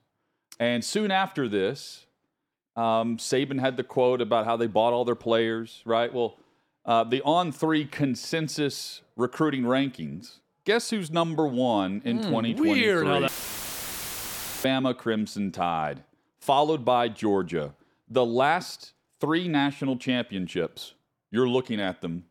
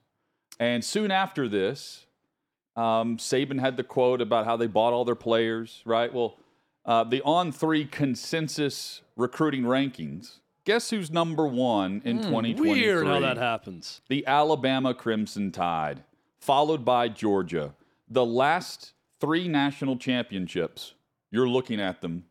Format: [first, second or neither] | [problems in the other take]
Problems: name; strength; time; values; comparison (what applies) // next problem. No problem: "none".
second | audio cutting out; filled with static; at 13 s for 1.5 s